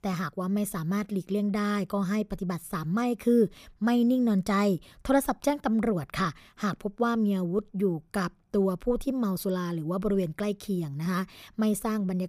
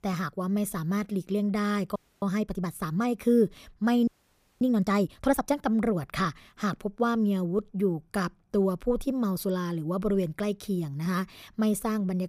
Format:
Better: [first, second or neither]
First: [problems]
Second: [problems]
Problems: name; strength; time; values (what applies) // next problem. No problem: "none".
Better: first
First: none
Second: audio freezing; at 2 s and at 4 s for 0.5 s